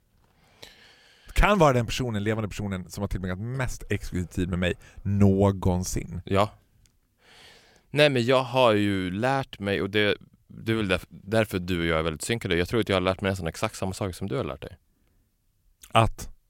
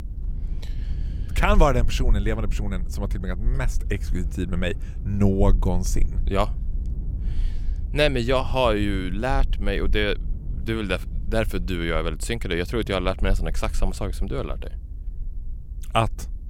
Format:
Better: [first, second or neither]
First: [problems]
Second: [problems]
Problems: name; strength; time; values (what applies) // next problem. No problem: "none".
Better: first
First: none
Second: low rumble; faint; throughout; 25 dB below the speech